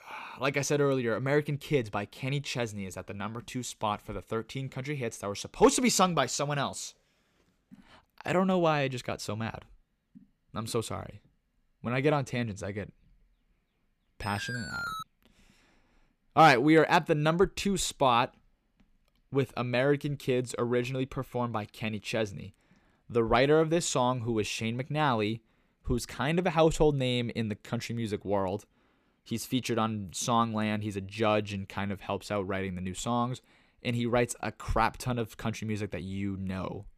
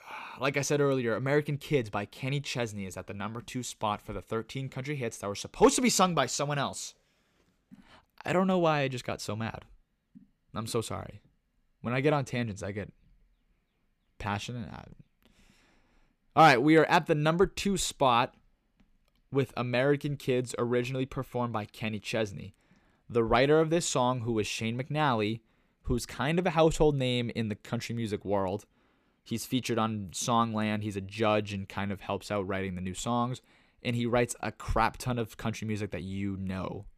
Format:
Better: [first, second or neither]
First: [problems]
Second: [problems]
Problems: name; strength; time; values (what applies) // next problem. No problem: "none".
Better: second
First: alarm; noticeable; at 14 s; peak 6 dB below the speech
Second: none